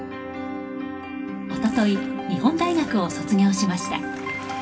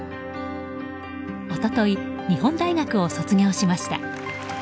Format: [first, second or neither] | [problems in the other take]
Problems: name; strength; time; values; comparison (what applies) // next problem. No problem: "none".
second | background sound (Fart); 20 dB below the speech // room echo; dies away in 1.9 s